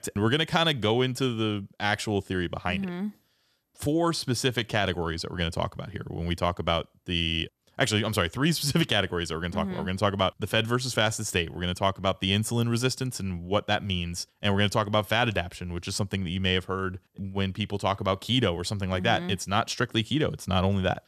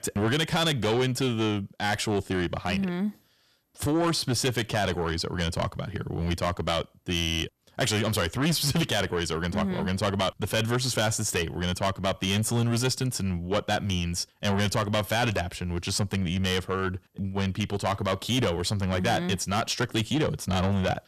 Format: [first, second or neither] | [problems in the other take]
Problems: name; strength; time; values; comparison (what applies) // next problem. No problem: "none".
first | distortion; heavy; 7 dB below the speech